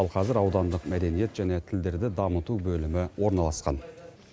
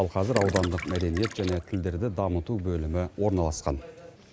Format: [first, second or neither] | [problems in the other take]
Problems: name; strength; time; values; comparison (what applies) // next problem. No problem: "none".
first | background sound (Gurgling); 9 dB below the speech